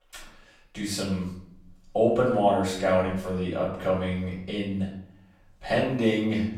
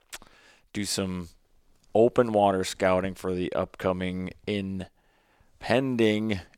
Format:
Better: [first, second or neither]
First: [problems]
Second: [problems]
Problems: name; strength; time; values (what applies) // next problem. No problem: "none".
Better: second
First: off-mic speech; far // room echo; noticeable; dies away in 0.6 s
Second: none